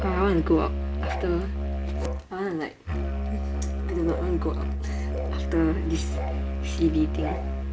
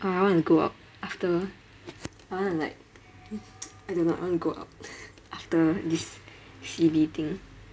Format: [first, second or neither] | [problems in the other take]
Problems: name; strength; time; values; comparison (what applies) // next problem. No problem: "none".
second | background sound (Musical instrument); 1 dB above the speech